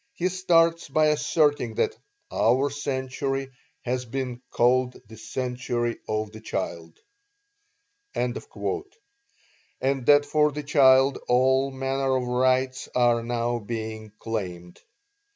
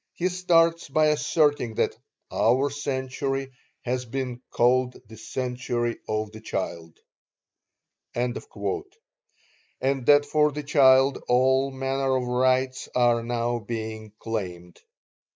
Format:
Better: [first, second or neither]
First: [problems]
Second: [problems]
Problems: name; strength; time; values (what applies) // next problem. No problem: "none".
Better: first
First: none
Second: noise reduction (neural mask model Resemble Enhance denoiser)